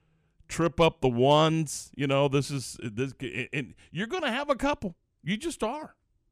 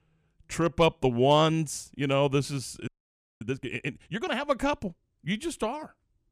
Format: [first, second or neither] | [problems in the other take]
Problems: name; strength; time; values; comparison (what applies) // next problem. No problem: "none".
first | audio freezing; at 3 s for 0.5 s